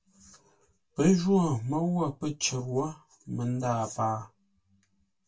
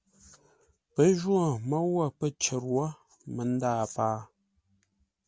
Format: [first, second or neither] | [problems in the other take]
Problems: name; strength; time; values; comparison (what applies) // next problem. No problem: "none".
second | room echo; dies away in 0.1 s